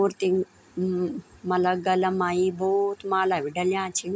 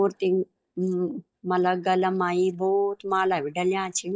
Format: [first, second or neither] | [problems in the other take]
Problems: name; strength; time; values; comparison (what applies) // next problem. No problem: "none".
first | noise reduction (neural mask model DeepFilterNet 3)